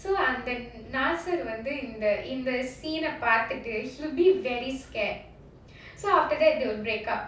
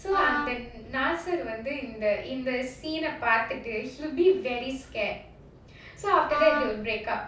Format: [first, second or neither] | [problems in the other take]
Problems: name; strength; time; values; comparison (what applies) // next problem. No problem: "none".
first | background sound (Wind instrument, woodwind instrument); 4 dB below the speech